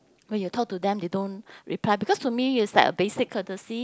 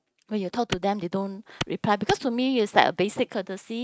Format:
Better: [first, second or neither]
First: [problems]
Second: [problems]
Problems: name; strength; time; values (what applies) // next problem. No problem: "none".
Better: first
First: none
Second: noise reduction (neural mask model RNNoise)